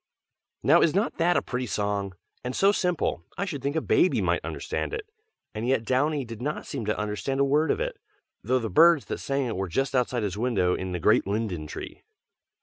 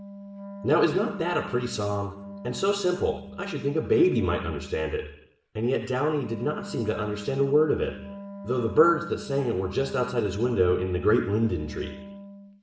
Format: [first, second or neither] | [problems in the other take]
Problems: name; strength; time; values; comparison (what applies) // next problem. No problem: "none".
first | background sound (Wind instrument, woodwind instrument); 15 dB below the speech // room echo; dies away in 0.8 s